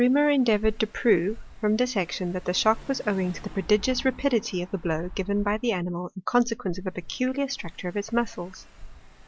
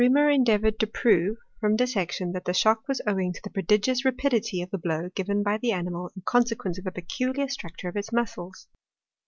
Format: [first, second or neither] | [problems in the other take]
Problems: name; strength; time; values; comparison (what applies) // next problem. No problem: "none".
second | background sound (Engine / Car); 18 dB below the speech